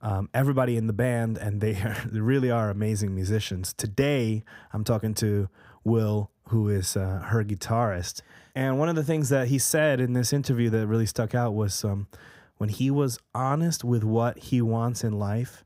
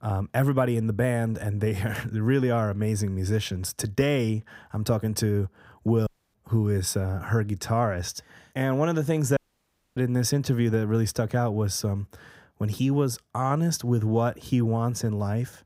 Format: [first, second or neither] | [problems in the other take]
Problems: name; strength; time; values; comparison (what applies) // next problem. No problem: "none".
first | audio cutting out; at 6 s and at 9.5 s for 0.5 s